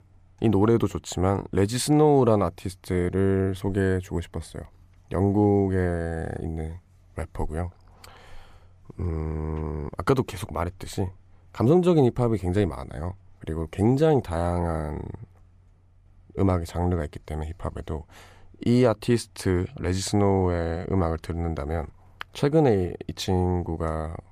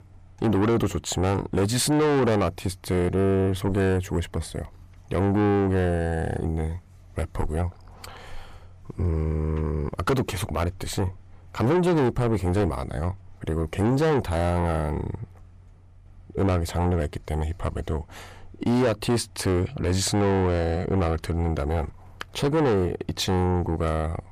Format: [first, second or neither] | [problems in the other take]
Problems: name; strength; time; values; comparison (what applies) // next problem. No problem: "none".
first | distortion; heavy; 6 dB below the speech